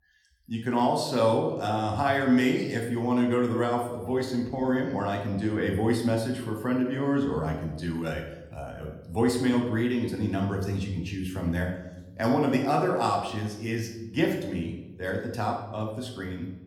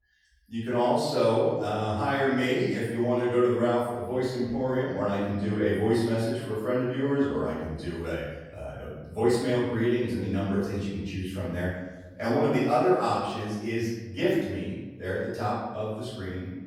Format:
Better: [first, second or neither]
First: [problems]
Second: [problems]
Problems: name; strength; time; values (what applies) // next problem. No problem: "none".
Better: first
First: room echo; slight; dies away in 0.7 s // off-mic speech; somewhat distant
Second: room echo; strong; dies away in 1 s // off-mic speech; far